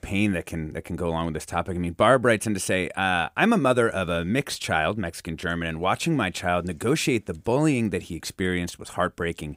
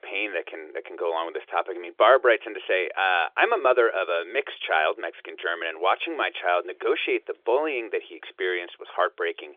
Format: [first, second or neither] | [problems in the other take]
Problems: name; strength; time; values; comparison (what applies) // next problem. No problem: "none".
first | phone-call audio; nothing above 3.5 kHz